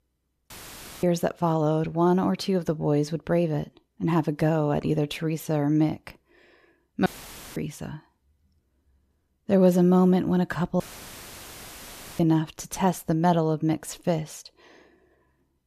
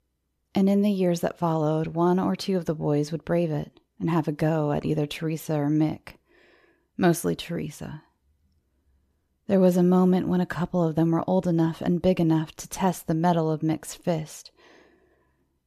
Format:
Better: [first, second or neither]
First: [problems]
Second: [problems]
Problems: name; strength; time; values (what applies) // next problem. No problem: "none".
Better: second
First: audio cutting out; filled with static; at 0.5 s for 0.5 s, at 7 s for 0.5 s and at 11 s for 1.5 s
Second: none